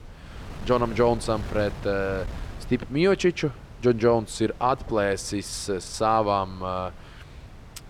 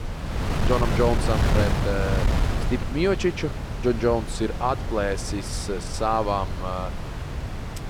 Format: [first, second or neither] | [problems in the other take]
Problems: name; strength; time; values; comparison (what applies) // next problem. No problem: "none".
first | wind noise on the microphone; heavy; 6 dB below the speech; occasional gusts in the first